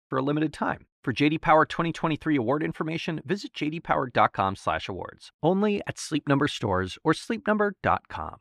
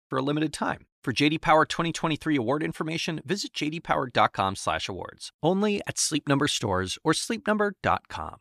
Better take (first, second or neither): second